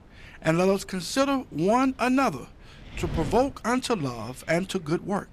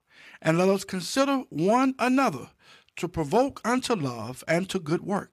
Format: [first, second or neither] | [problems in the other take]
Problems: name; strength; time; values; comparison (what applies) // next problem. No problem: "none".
second | wind noise on the microphone; occasional gusts; 20 dB below the speech